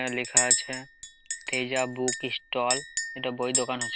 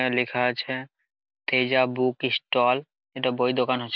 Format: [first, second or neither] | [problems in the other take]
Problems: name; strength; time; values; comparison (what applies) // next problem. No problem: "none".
second | background sound (Chink, clink); 3 dB above the speech